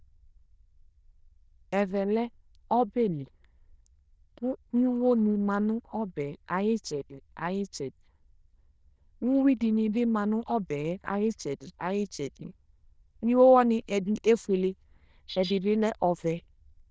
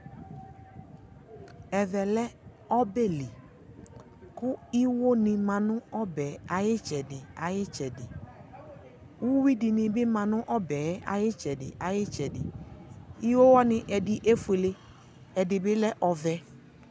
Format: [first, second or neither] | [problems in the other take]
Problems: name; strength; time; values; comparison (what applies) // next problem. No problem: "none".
second | noise reduction (neural diffusion model UNIVERSE++)